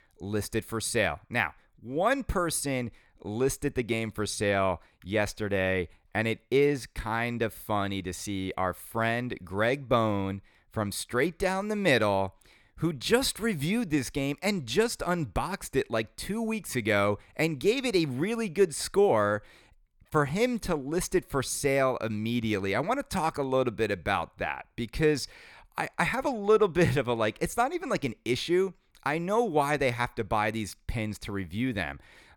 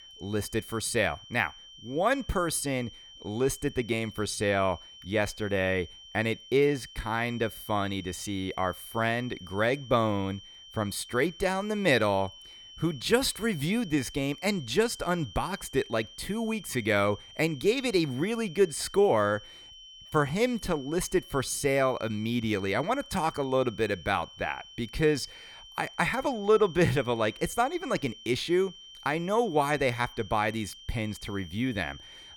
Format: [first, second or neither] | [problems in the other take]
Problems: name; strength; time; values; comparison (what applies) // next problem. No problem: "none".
first | high-pitched whine; noticeable; throughout; 3 kHz, 20 dB below the speech